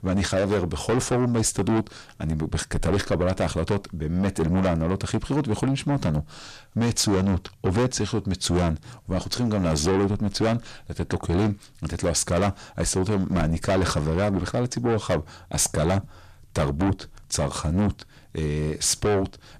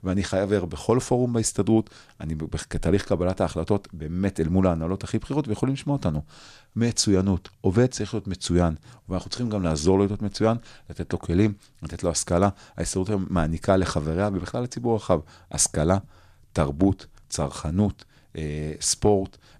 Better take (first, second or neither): second